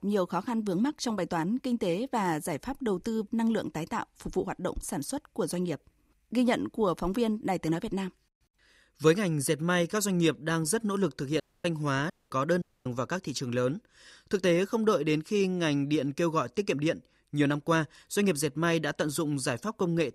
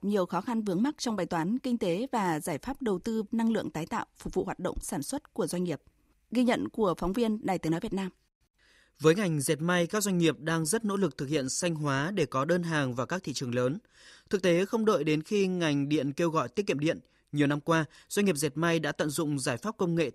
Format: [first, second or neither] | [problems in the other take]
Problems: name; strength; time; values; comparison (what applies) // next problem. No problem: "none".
second | audio cutting out; at 11 s, at 12 s and at 13 s